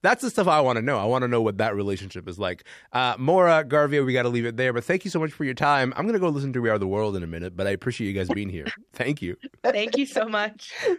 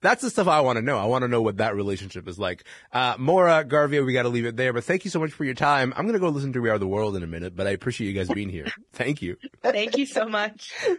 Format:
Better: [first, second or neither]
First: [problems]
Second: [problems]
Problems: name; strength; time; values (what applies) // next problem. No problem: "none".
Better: first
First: none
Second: garbled, watery; badly; nothing above 10.5 kHz